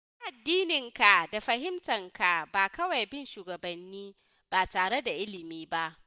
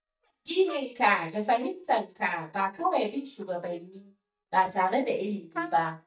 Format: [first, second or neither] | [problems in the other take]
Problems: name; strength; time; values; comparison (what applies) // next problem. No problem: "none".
first | noise reduction (neural mask model DeepFilterNet 3)